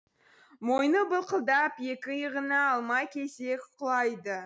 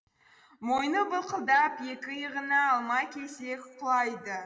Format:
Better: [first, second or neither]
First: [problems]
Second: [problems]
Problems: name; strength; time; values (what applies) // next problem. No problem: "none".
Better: first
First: none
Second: room echo; dies away in 2.5 s